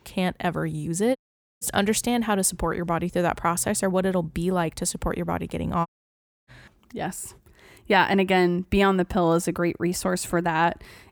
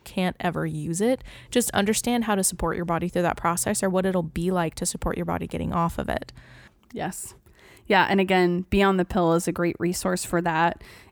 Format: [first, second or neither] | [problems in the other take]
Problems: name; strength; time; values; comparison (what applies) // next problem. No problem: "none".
second | audio cutting out; at 1 s and at 6 s for 0.5 s